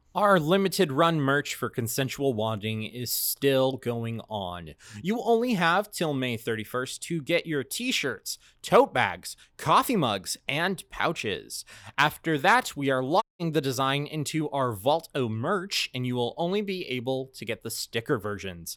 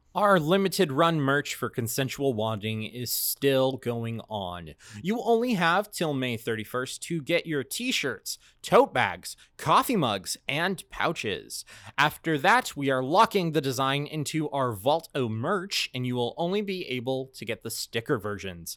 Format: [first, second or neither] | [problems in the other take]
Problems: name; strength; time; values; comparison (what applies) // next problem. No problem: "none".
second | audio cutting out; at 13 s